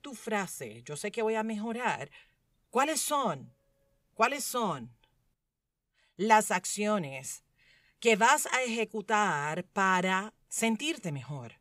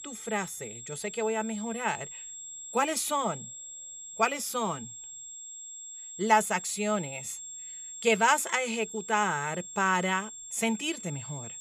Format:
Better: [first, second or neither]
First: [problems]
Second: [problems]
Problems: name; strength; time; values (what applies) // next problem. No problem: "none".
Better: first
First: none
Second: high-pitched whine; noticeable; throughout; 7.5 kHz, 10 dB below the speech